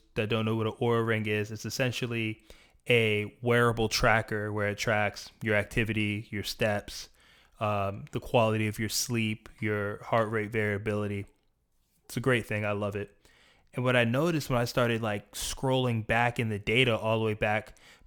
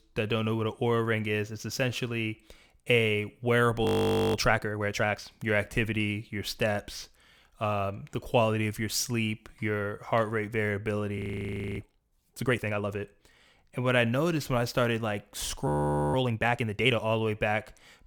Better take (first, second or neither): first